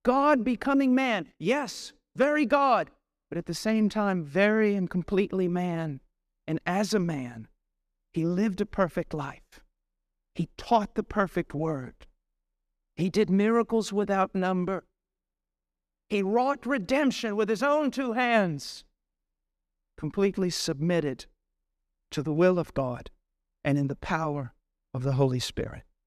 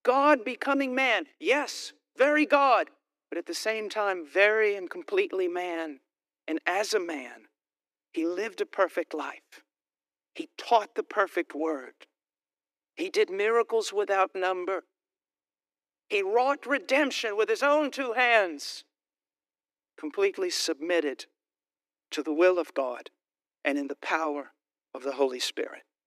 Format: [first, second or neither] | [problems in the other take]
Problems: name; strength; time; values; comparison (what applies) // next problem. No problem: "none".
first | thin; somewhat; fading below 300 Hz